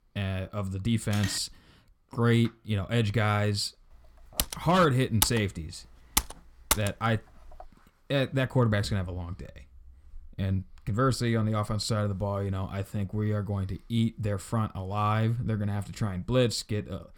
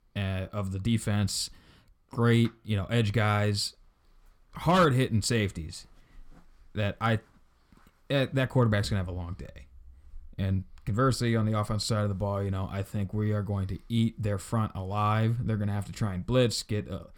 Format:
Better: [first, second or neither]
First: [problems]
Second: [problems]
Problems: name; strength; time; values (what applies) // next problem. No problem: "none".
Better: second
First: phone ringing; noticeable; at 1 s; peak 9 dB below the speech // keyboard typing; loud; from 4.5 to 7 s; peak 1 dB above the speech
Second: none